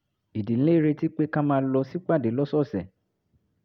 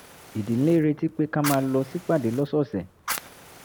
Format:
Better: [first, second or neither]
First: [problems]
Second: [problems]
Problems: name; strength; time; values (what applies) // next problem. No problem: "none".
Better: first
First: none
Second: background sound (Fire); 13 dB below the speech